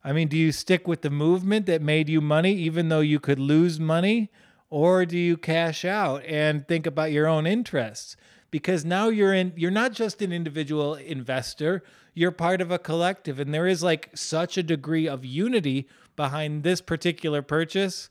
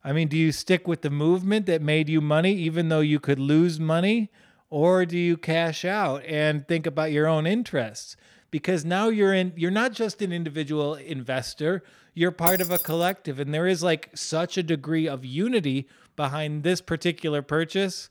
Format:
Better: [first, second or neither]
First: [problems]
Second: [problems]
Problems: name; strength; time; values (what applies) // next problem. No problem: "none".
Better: first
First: none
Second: jangling keys; loud; at 12 s; peak 2 dB above the speech